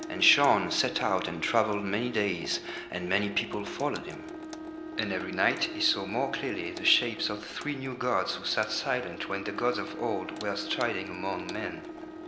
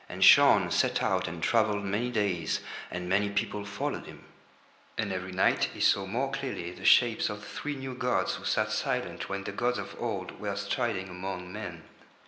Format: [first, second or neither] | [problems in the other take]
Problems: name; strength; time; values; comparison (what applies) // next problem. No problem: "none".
second | background sound (Bowed string instrument + Sink (filling or washing) / Water tap, faucet); 10 dB below the speech